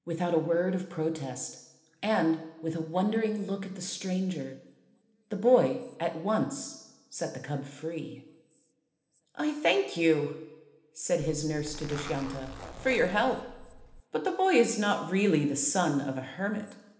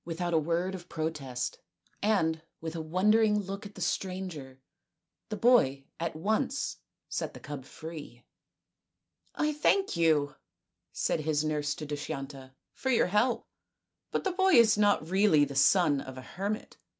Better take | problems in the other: second | background sound (Zipper (clothing)); 14 dB below the speech // room echo; dies away in 1.1 s

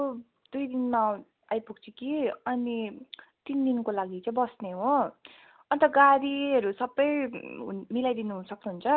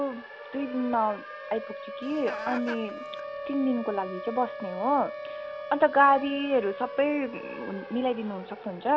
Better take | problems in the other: first | background sound (Chicken, rooster + Siren); 10 dB below the speech

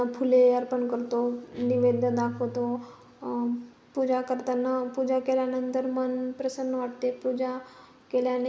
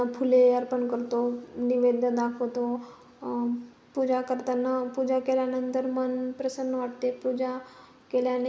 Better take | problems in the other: second | background sound (Guitar); 16 dB below the speech

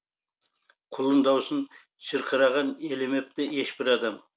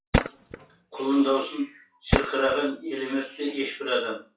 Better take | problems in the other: first | noise reduction (classical method WPE with log-MMSE)

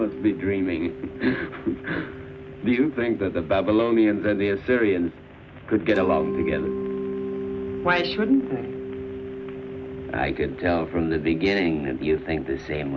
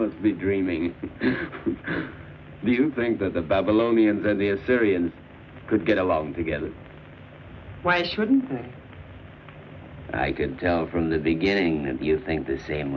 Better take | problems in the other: second | background sound (Mallet percussion); 9 dB below the speech

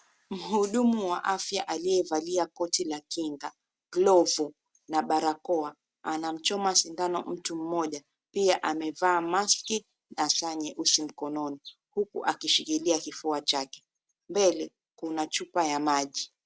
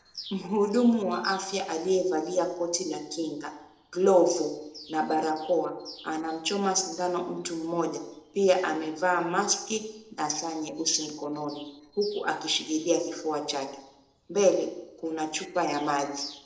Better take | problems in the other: first | noise reduction (neural separator model SepFormer DNS4)

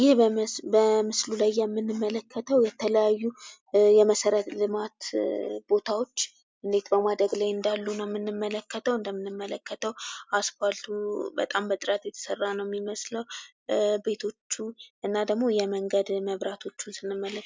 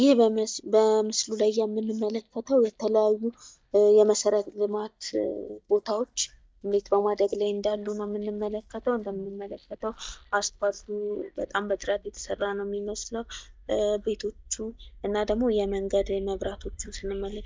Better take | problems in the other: first | noise reduction (neural mask model DeepFilterNet 3)

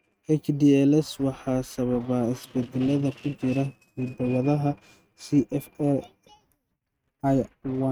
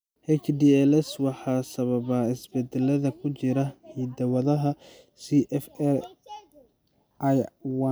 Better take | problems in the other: second | noise reduction (neural mask model RNNoise)

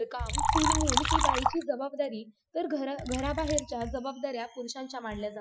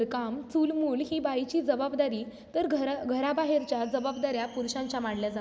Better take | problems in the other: second | noise reduction (classical method Wiener filter)

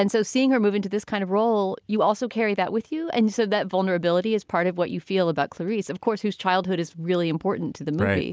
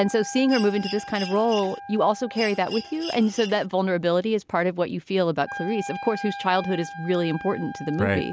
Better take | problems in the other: first | background sound (Wind instrument, woodwind instrument + Mechanisms); 13 dB below the speech

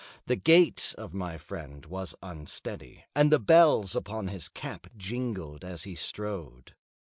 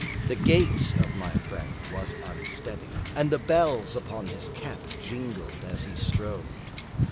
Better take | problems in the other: first | background sound (Wind / Ocean / Boat, Water vehicle); as loud as the speech

